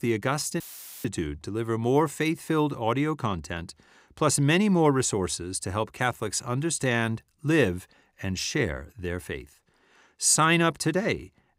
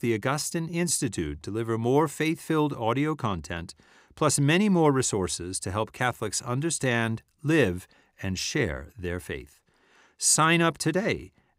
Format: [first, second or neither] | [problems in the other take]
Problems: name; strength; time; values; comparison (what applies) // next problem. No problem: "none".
second | audio cutting out; filled with static; at 0.5 s